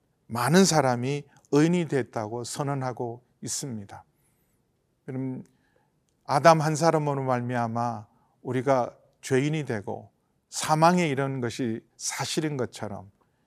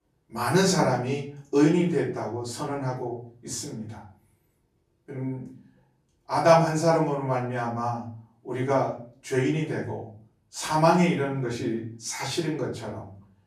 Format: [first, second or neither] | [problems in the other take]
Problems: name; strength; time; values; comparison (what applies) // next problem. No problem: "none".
first | off-mic speech; far // room echo; slight; dies away in 0.4 s